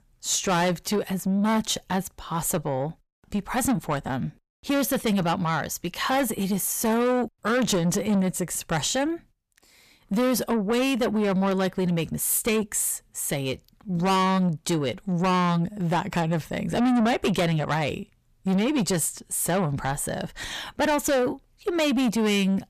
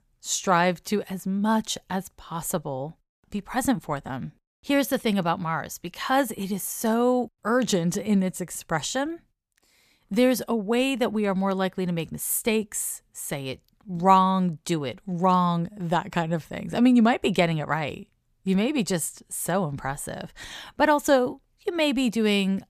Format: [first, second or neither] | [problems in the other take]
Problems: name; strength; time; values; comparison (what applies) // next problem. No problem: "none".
second | distortion; heavy; 7 dB below the speech